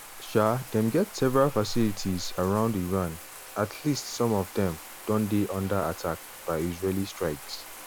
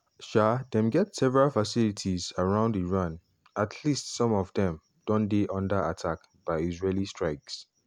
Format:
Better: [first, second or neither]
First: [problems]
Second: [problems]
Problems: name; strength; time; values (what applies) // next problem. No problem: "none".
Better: second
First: background sound (Bathtub (filling or washing)); 12 dB below the speech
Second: none